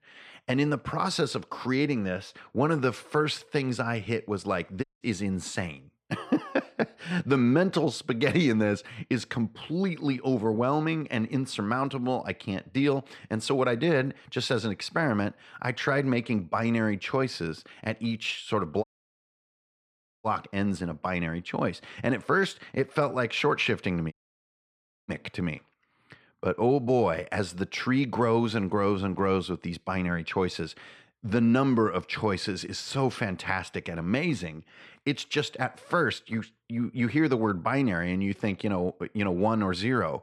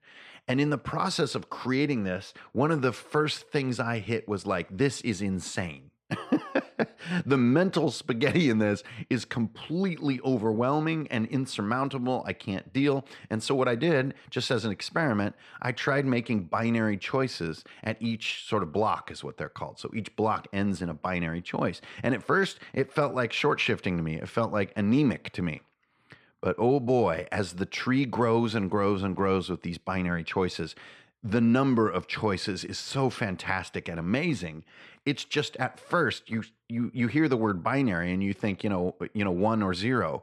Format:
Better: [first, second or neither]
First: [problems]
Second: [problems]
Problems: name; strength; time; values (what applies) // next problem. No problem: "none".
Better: second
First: audio cutting out; at 5 s, at 19 s for 1.5 s and at 24 s for 1 s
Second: none